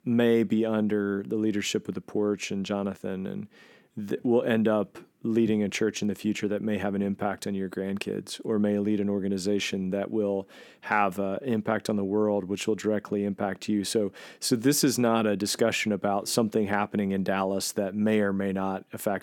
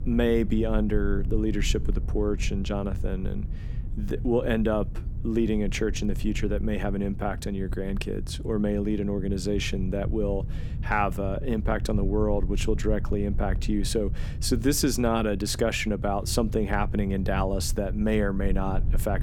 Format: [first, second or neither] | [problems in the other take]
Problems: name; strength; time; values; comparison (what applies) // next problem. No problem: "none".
first | low rumble; noticeable; throughout; 20 dB below the speech